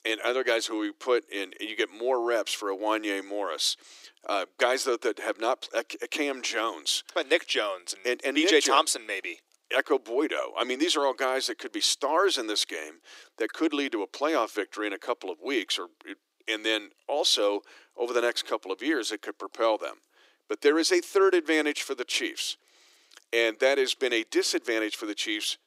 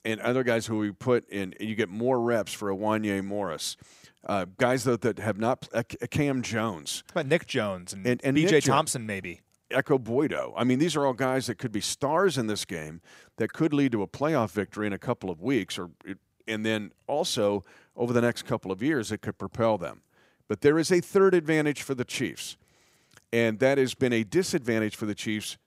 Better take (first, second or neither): second